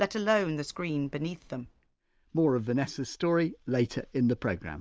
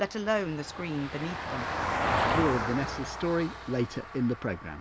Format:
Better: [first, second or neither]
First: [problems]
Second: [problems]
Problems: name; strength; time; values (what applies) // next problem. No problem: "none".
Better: first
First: none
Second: background sound (Vehicle); 2 dB below the speech